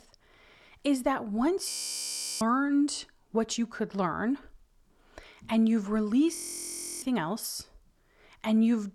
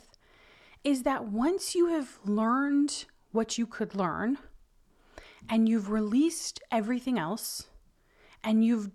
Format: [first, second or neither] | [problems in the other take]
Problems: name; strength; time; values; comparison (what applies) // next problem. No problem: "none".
second | audio freezing; at 1.5 s for 0.5 s and at 6.5 s for 0.5 s